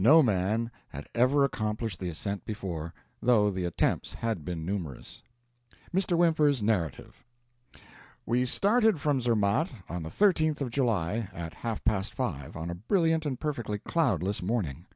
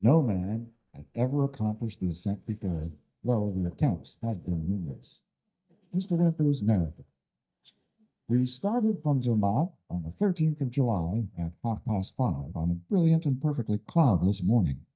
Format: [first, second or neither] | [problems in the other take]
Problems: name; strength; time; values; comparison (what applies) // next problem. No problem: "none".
first | noise reduction (neural mask model DeepFilterNet 3)